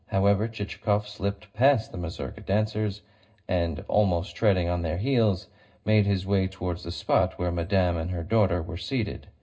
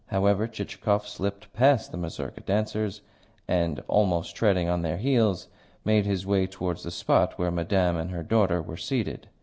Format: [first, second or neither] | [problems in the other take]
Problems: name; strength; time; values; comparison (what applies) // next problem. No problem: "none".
second | room echo; dies away in 0.2 s